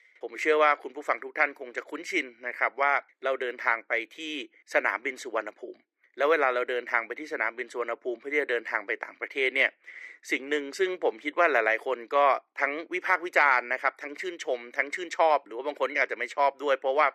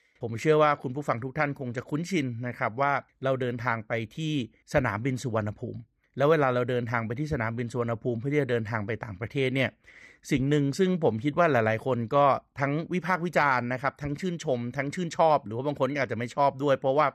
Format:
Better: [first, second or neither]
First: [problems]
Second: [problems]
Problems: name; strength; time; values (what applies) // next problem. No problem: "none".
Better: second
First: thin; very; fading below 350 Hz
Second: none